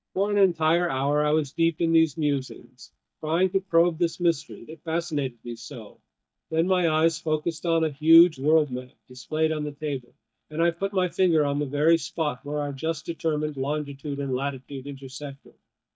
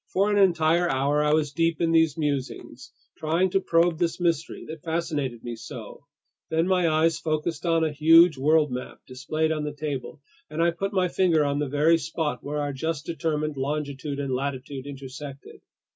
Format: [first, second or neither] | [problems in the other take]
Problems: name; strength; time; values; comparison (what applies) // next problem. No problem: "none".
second | noise reduction (neural mask model DeepFilterNet 3)